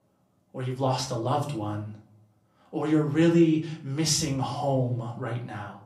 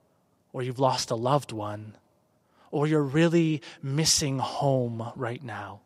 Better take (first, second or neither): second